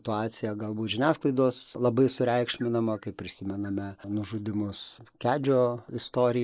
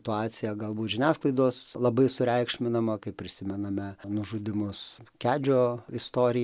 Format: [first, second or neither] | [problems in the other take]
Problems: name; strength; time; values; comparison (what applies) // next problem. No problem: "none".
second | noise reduction (neural mask model Resemble Enhance denoiser)